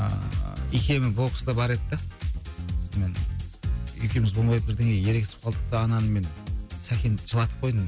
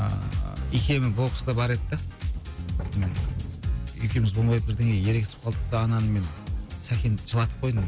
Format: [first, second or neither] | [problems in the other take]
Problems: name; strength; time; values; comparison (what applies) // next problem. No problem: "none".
first | background sound (Sliding door); 17 dB below the speech